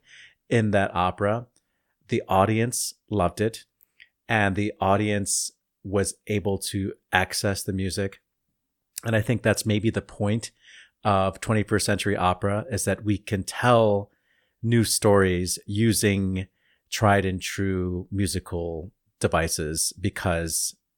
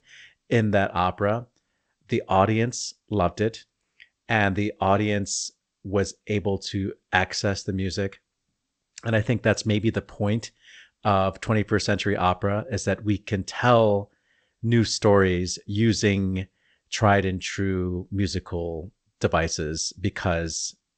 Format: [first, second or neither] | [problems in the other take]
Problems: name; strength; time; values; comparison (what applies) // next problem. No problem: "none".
first | garbled, watery; slightly; nothing above 8 kHz